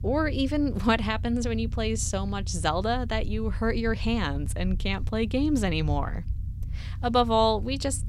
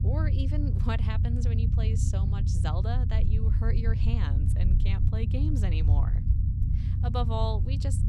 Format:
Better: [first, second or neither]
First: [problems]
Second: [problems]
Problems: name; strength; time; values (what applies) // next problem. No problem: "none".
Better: first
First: low rumble; faint; throughout; 20 dB below the speech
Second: low rumble; loud; throughout; 3 dB below the speech